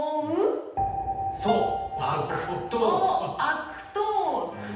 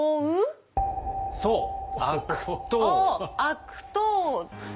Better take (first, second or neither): second